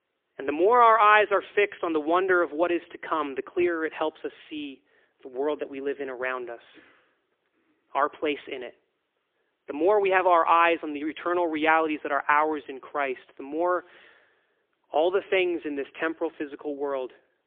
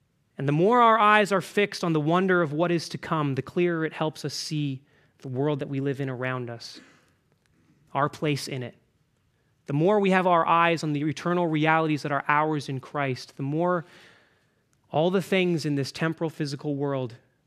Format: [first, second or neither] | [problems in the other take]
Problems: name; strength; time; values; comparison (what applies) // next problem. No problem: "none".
second | phone-call audio; poor line; nothing above 3.5 kHz